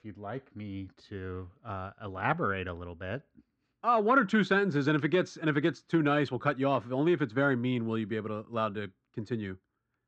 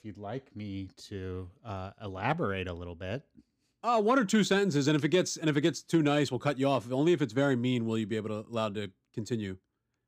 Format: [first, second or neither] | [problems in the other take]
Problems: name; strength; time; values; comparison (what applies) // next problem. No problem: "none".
second | muffled; slightly; fading above 3 kHz